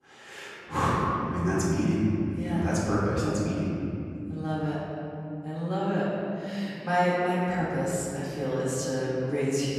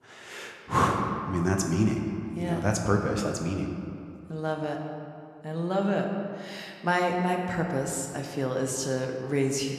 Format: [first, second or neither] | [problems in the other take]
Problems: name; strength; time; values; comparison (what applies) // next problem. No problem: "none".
second | room echo; strong; dies away in 2.9 s; slight in the second // off-mic speech; far